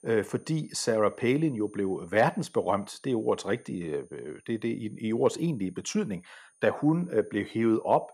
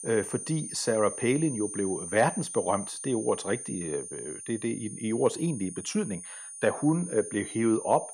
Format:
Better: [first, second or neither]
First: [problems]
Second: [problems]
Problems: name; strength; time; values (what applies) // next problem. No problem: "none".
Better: first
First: high-pitched whine; faint; throughout; 9 kHz, 30 dB below the speech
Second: high-pitched whine; loud; throughout; 9 kHz, 8 dB below the speech